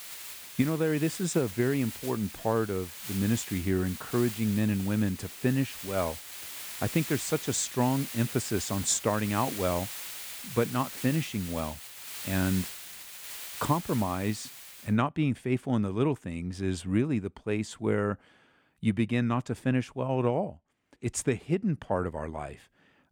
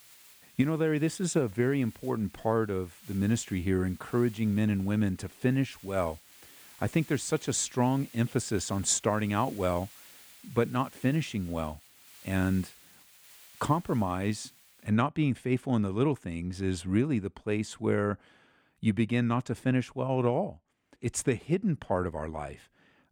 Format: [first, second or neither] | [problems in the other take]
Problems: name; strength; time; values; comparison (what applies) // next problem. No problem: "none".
second | hiss; loud; until 15 s; 9 dB below the speech; faint in the second